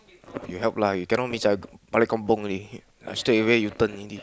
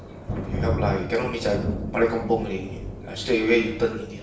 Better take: first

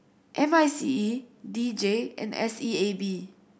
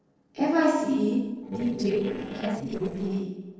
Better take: first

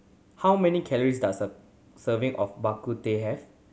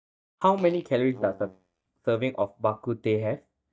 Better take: first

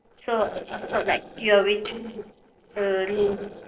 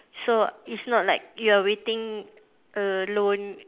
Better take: second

